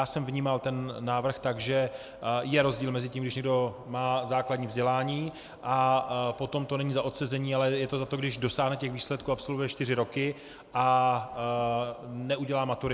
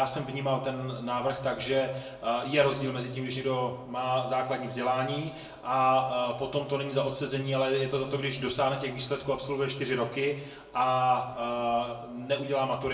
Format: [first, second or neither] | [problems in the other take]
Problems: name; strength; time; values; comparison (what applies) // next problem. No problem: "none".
first | room echo; dies away in 0.7 s